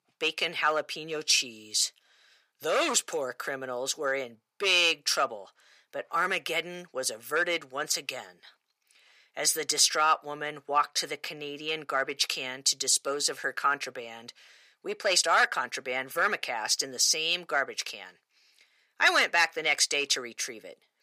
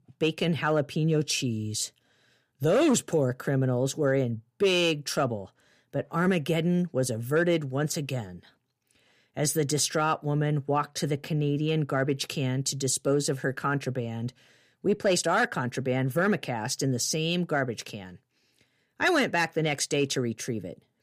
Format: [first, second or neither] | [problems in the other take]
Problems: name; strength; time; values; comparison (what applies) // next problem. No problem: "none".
second | thin; very; fading below 700 Hz